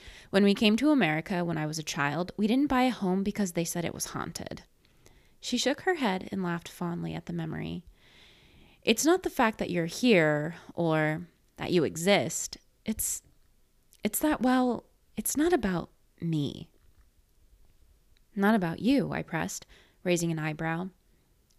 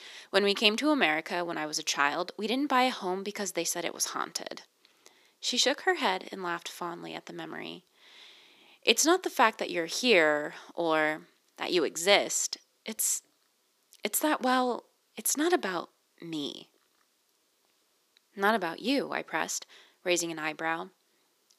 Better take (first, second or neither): first